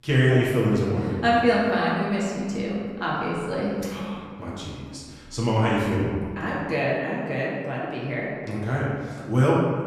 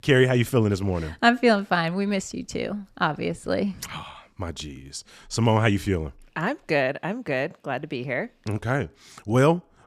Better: second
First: room echo; noticeable; dies away in 1.8 s // off-mic speech; far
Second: none

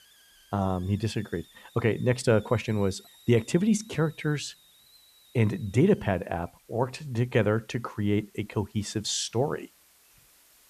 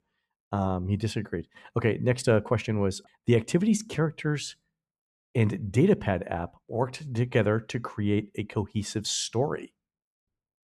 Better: second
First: hiss; faint; throughout; 25 dB below the speech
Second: none

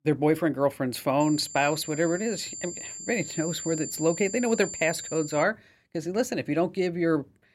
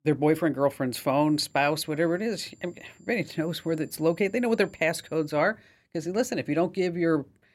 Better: second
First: high-pitched whine; loud; from 1 to 5.5 s; 7.5 kHz, 9 dB below the speech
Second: high-pitched whine; faint; from 1 to 5.5 s; 7.5 kHz, 35 dB below the speech

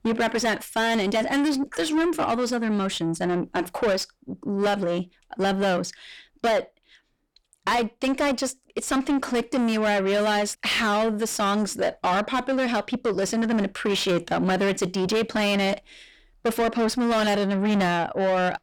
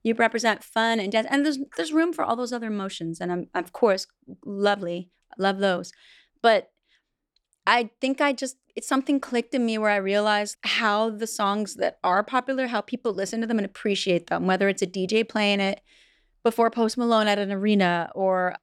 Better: second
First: distortion; heavy; 7 dB below the speech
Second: none

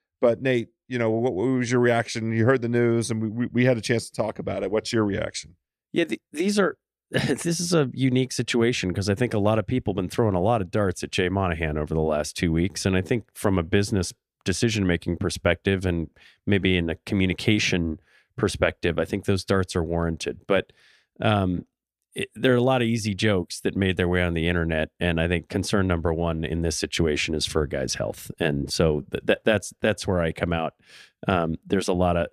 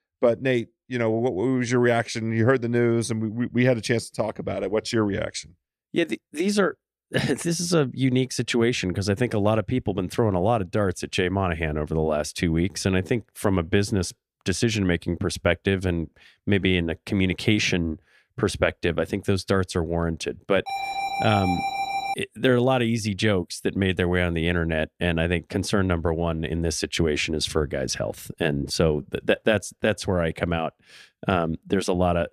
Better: first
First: none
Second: alarm; noticeable; from 21 to 22 s; peak 2 dB below the speech

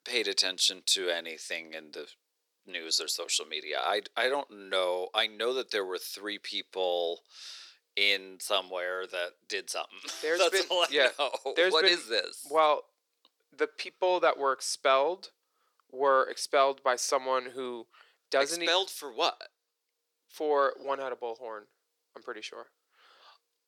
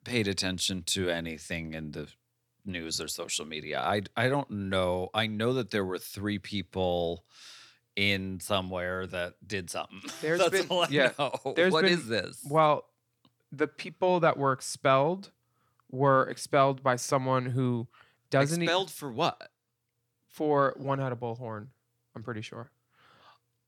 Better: second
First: thin; very; fading below 400 Hz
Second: none

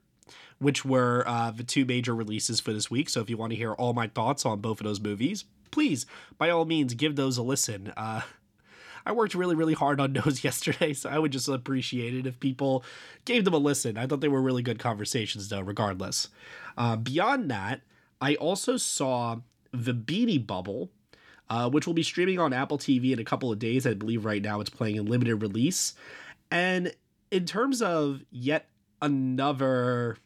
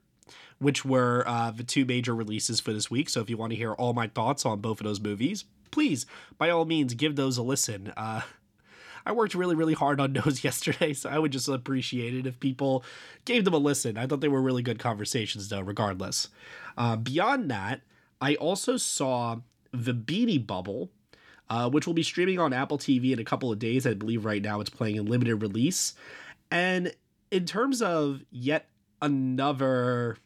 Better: neither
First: none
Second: none

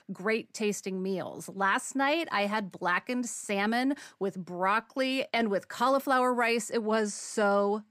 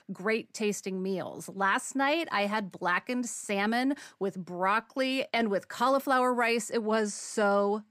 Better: neither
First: none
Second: none

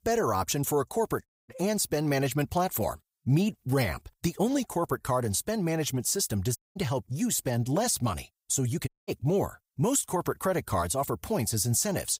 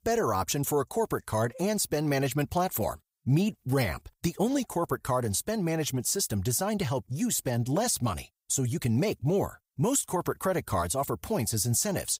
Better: second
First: audio cutting out; at 1.5 s, at 6.5 s and at 9 s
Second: none

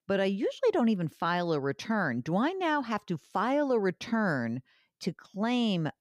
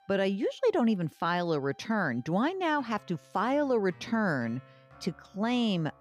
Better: first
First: none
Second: background music; faint; throughout; 30 dB below the speech

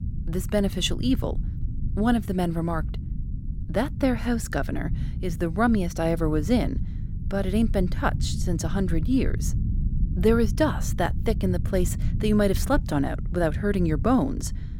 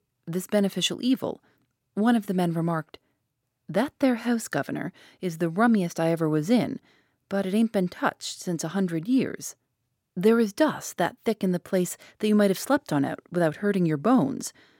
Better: second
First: low rumble; noticeable; throughout; 15 dB below the speech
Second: none

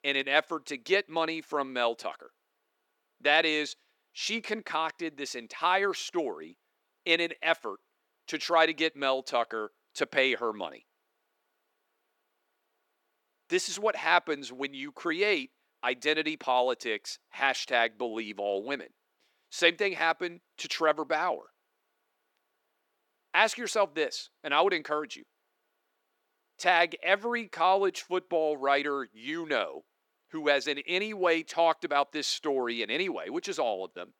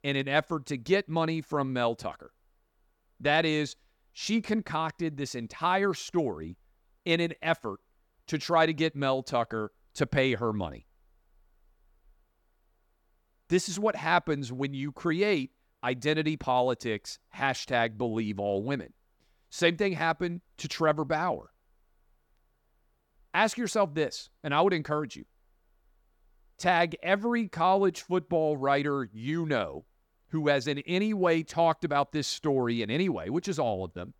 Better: second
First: thin; somewhat; fading below 350 Hz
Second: none

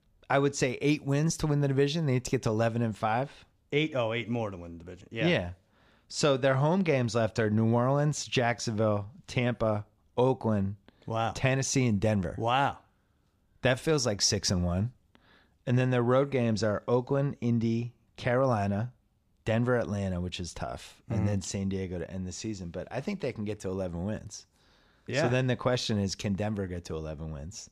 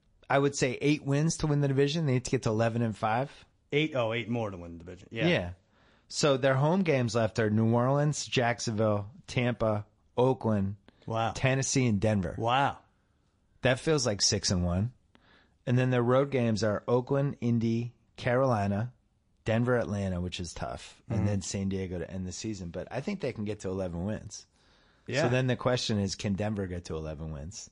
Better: first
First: none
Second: garbled, watery; slightly; nothing above 10 kHz

